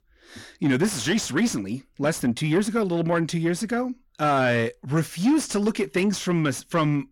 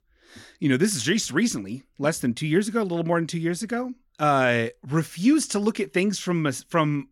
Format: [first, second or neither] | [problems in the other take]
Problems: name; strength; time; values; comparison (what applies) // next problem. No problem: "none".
second | distortion; slight; 10 dB below the speech